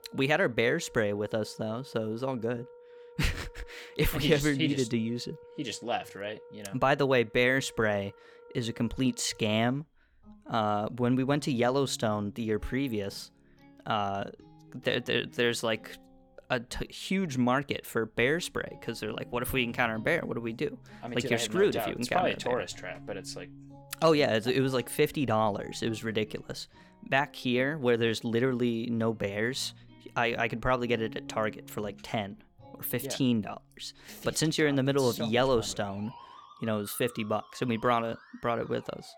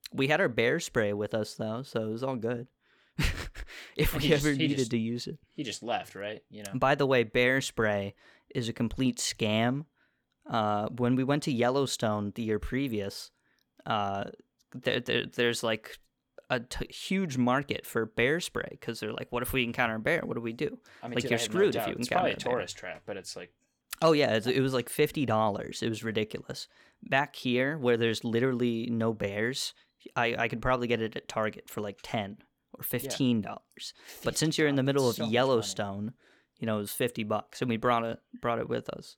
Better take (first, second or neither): second